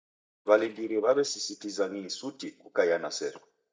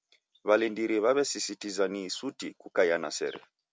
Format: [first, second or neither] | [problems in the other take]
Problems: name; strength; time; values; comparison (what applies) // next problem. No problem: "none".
second | noise reduction (neural mask model DeepFilterNet 3)